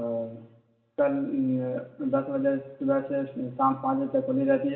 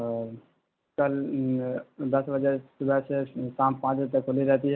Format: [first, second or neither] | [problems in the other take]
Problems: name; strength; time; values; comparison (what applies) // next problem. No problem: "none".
second | room echo; dies away in 0.8 s